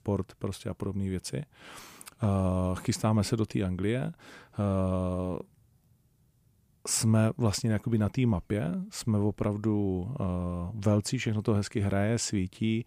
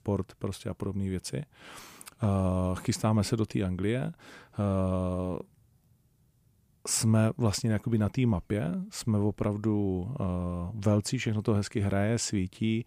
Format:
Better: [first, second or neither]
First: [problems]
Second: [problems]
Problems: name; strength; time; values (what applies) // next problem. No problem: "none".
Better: neither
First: none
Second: none